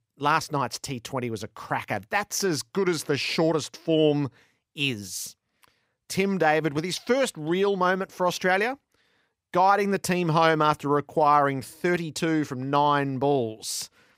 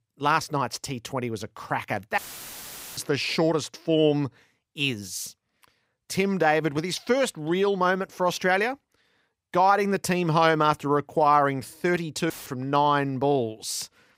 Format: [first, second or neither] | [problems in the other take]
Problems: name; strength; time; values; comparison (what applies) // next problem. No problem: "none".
first | audio cutting out; filled with static; at 2 s for 1 s and at 12 s